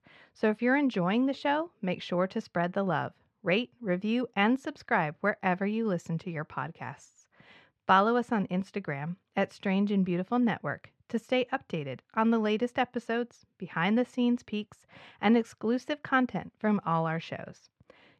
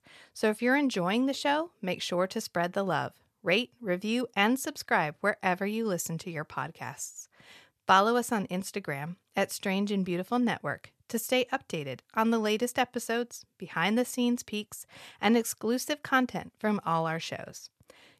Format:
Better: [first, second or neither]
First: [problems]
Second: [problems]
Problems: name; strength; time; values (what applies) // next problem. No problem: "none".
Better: second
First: muffled; slightly; fading above 2.5 kHz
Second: none